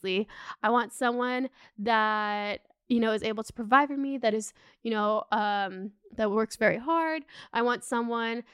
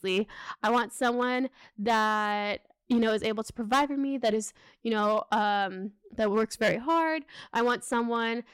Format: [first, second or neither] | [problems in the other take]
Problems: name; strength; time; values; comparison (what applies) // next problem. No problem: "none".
first | distortion; slight; 4% of the sound clipped